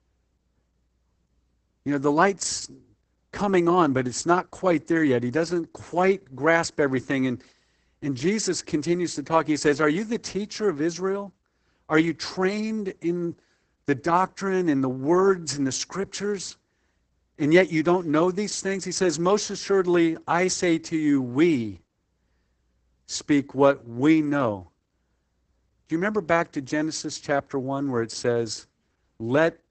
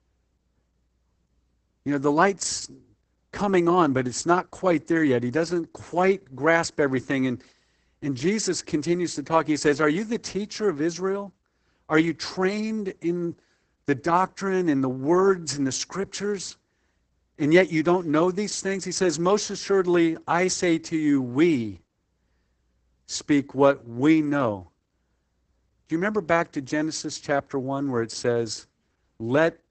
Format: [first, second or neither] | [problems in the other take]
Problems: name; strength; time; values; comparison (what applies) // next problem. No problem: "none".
neither | garbled, watery; badly; nothing above 8 kHz; the same in both